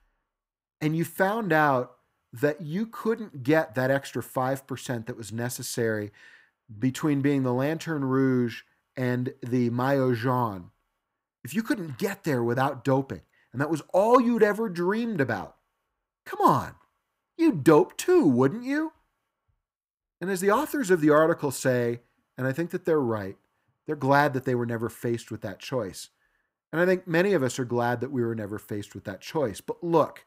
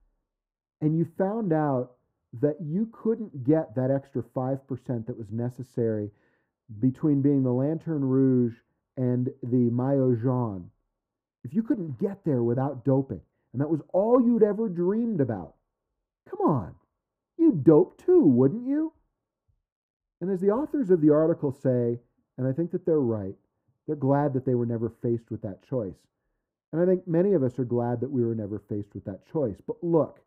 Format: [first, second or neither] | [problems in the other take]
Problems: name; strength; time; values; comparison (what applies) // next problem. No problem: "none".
first | muffled; very; fading above 1 kHz